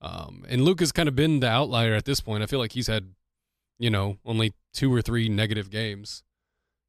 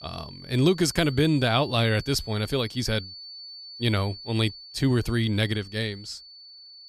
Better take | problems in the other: first | high-pitched whine; noticeable; throughout; 4.5 kHz, 15 dB below the speech

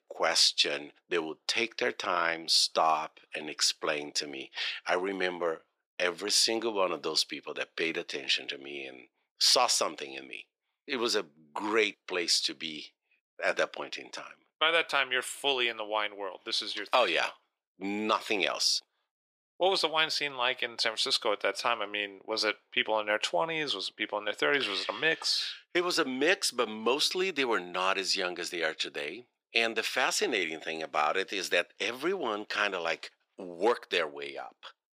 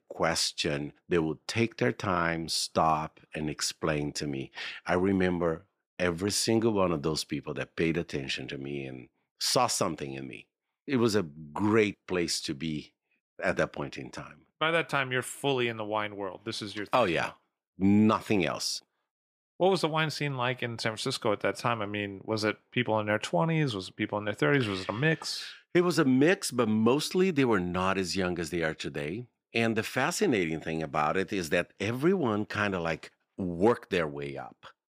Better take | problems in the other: second | thin; somewhat; fading below 500 Hz

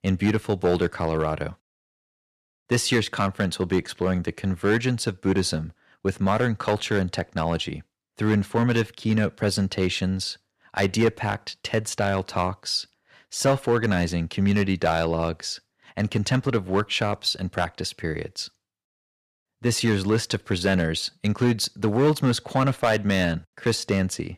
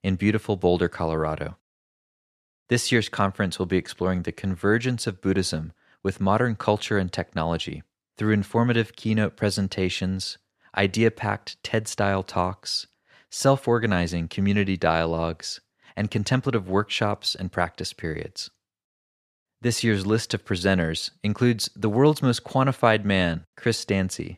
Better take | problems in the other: second | distortion; slight; 2% of the sound clipped

